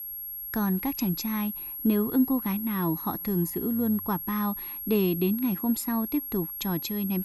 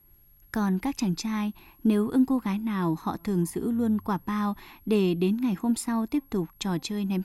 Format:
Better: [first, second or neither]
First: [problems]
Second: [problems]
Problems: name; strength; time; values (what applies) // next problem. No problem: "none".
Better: second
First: high-pitched whine; loud; throughout; 11.5 kHz, 5 dB below the speech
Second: high-pitched whine; faint; throughout; 11.5 kHz, 30 dB below the speech